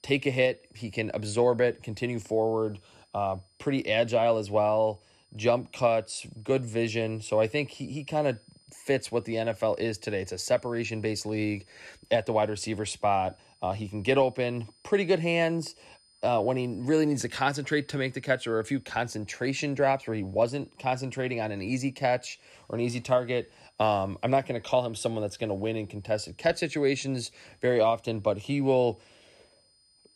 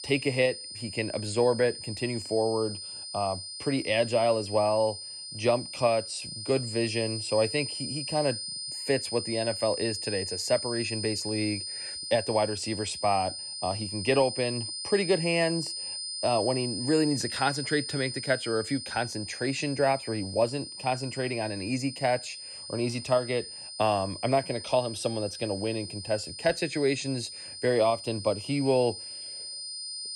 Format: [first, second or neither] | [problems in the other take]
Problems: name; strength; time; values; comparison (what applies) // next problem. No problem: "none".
first | high-pitched whine; loud; throughout; 5 kHz, 7 dB below the speech; faint in the first